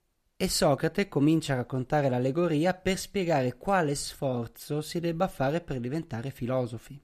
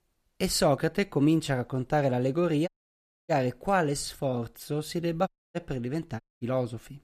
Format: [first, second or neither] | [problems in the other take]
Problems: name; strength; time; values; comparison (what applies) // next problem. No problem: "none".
first | audio cutting out; at 2.5 s for 0.5 s, at 5.5 s and at 6 s